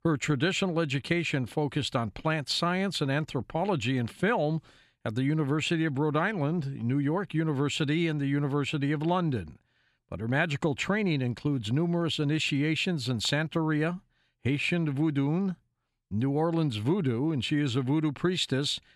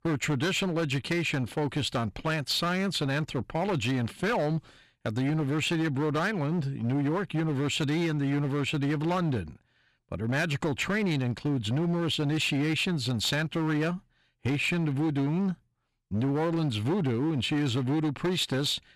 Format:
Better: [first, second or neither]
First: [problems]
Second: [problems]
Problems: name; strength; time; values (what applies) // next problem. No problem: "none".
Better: first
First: none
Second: distortion; slight; 16% of the sound clipped